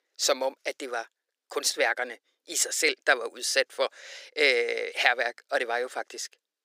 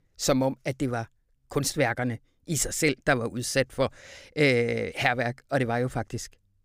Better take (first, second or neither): second